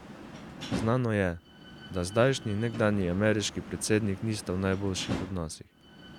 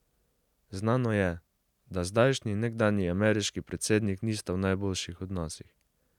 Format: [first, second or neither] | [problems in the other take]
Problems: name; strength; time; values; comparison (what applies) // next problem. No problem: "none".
second | background sound (Slam); 11 dB below the speech